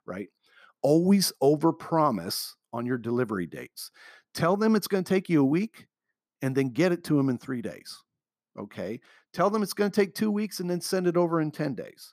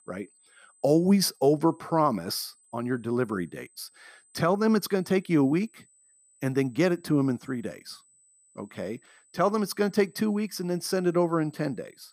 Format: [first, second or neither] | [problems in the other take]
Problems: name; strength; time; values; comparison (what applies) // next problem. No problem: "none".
first | high-pitched whine; faint; throughout; 8 kHz, 30 dB below the speech